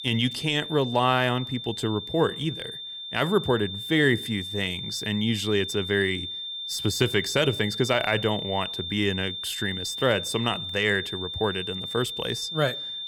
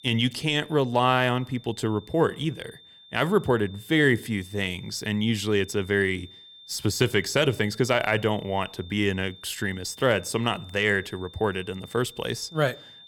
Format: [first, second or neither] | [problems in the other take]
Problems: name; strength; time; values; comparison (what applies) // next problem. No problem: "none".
second | high-pitched whine; loud; throughout; 3.5 kHz, 6 dB below the speech; faint in the second